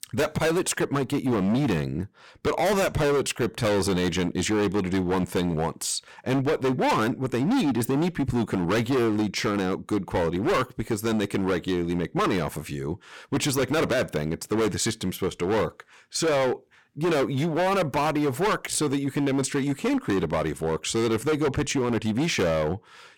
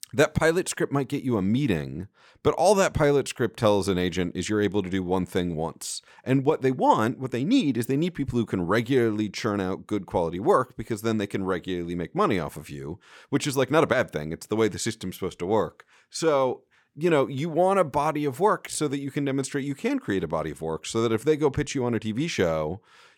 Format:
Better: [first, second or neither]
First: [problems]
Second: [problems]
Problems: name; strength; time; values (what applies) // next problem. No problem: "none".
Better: second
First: distortion; heavy; 20% of the sound clipped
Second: none